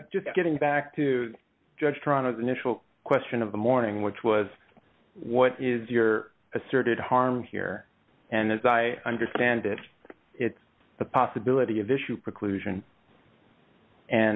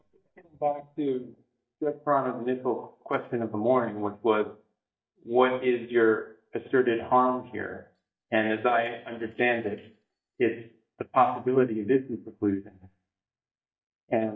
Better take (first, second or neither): first